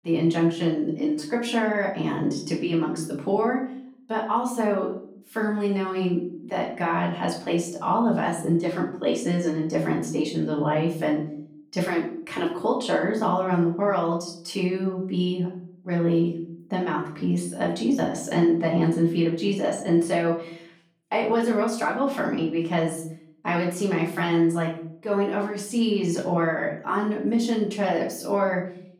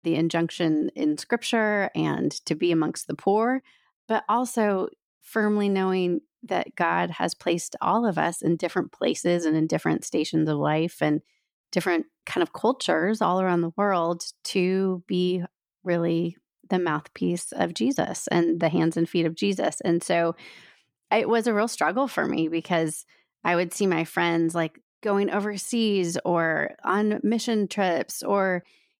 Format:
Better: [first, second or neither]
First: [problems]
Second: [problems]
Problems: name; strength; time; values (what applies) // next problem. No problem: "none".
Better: second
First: off-mic speech; far // room echo; slight; dies away in 0.5 s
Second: none